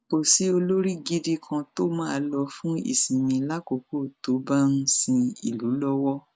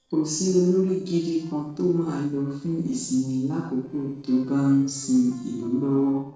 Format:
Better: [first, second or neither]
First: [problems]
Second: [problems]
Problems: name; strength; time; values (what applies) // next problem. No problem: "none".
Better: first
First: none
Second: noise reduction (neural separator model SepFormer DNS4)